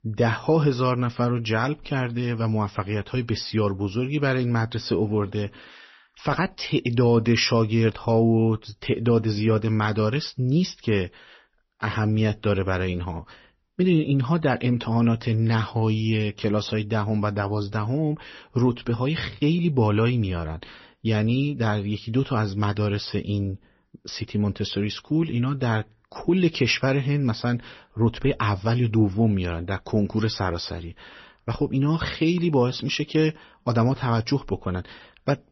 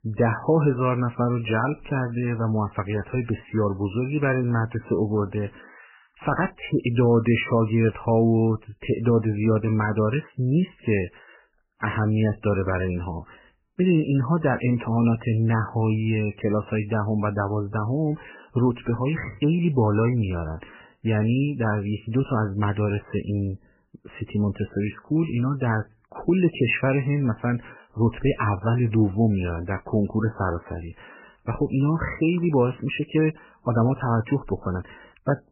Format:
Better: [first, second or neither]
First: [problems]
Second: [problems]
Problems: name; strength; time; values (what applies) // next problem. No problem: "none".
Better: first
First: garbled, watery; slightly; nothing above 6 kHz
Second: garbled, watery; badly; nothing above 3 kHz